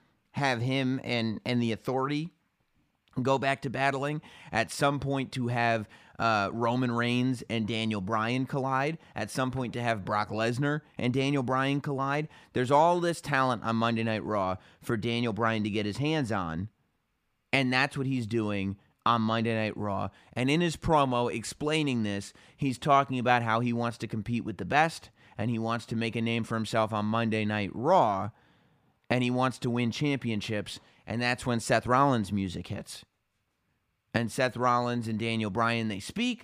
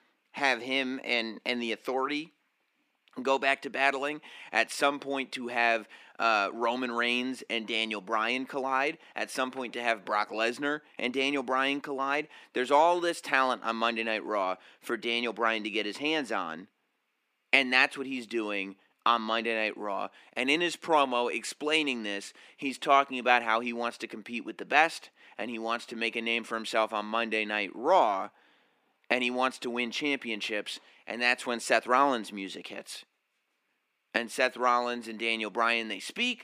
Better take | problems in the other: first | thin; somewhat; fading below 300 Hz

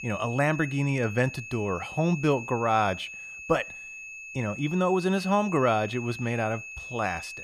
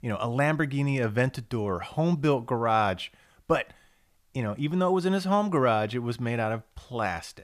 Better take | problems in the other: second | high-pitched whine; noticeable; throughout; 2.5 kHz, 10 dB below the speech

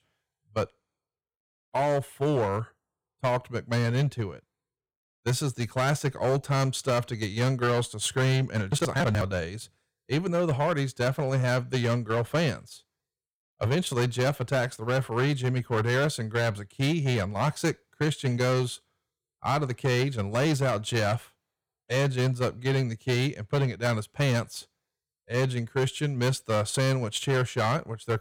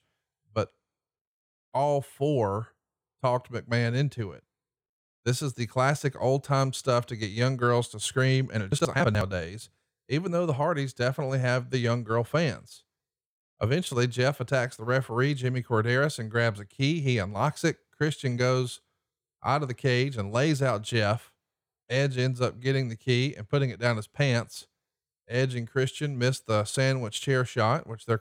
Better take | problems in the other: second | distortion; slight; 10% of the sound clipped

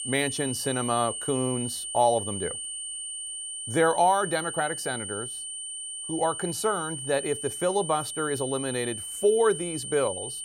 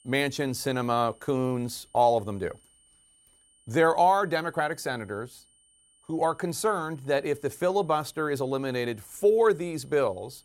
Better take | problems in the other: second | high-pitched whine; loud; throughout; 9 kHz, 6 dB below the speech; faint in the second

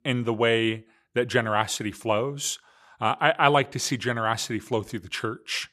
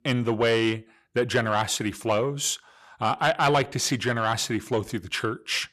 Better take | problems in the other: first | distortion; slight; 10 dB below the speech

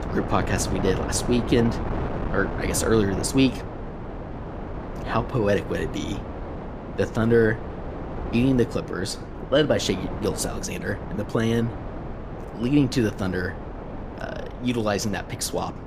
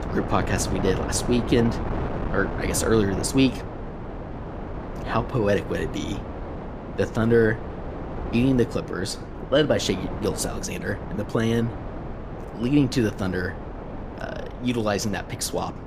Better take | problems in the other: neither | wind noise on the microphone; heavy; 9 dB below the speech; the same in both

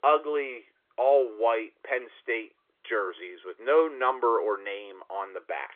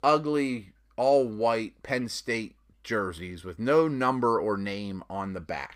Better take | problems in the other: second | phone-call audio; nothing above 3.5 kHz

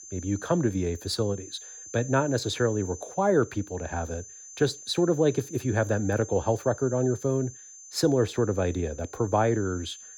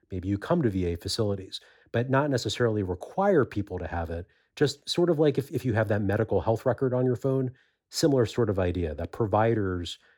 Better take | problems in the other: second | high-pitched whine; noticeable; throughout; 6.5 kHz, 15 dB below the speech

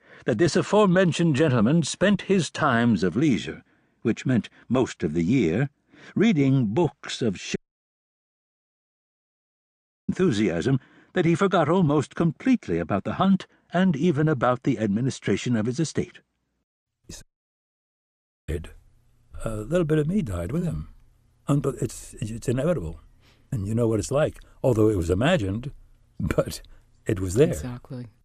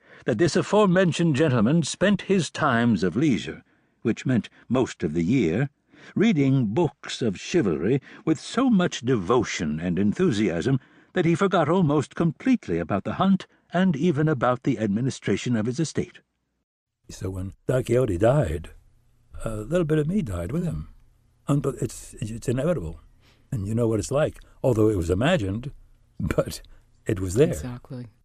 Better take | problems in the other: second | audio cutting out; at 7.5 s for 2.5 s and at 17 s for 1.5 s

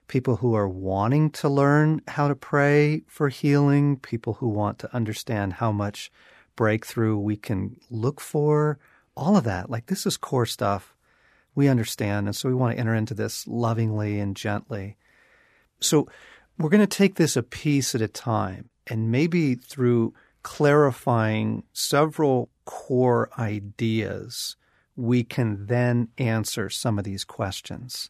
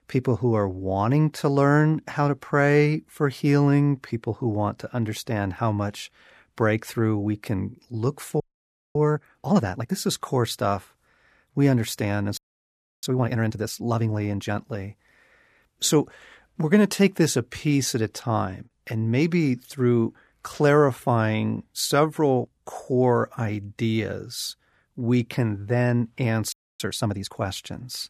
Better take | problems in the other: first | audio freezing; at 8.5 s for 0.5 s, at 12 s for 0.5 s and at 27 s

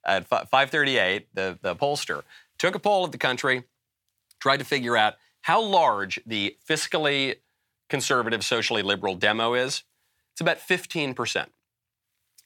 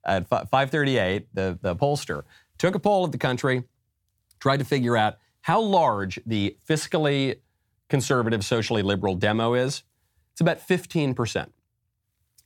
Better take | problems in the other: second | thin; somewhat; fading below 500 Hz

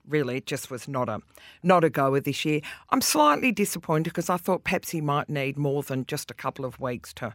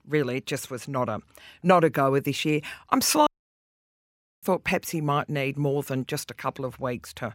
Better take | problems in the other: first | audio cutting out; at 3.5 s for 1 s

